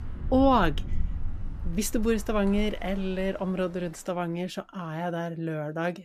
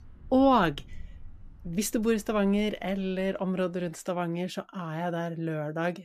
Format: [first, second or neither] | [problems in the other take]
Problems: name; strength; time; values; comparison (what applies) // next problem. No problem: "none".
second | traffic noise; loud; throughout; 10 dB below the speech; faint in the second